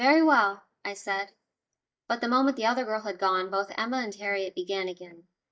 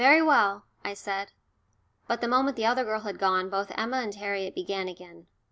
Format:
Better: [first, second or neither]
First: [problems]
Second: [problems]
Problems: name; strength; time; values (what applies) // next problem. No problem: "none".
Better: second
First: noise reduction (neural mask model DeepFilterNet 3)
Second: none